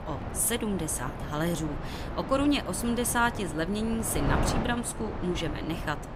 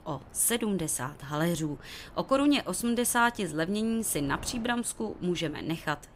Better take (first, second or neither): second